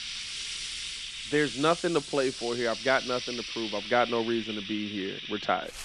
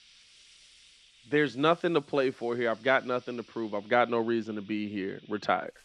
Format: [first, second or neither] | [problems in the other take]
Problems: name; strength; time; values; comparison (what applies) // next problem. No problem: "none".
second | household noises; loud; throughout; 6 dB below the speech; faint in the second